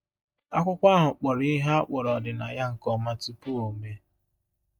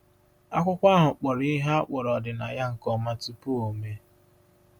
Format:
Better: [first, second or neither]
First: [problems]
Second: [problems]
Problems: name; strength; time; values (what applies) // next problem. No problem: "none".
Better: second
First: noise reduction (neural mask model DeepFilterNet 3)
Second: none